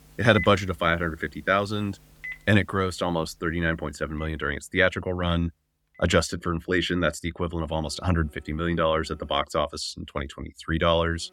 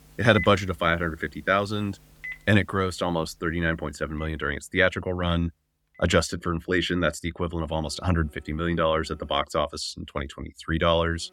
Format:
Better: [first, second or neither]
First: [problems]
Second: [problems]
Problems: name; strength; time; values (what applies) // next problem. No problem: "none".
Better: neither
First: alarms or sirens; noticeable; throughout; 15 dB below the speech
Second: alarms or sirens; noticeable; throughout; 15 dB below the speech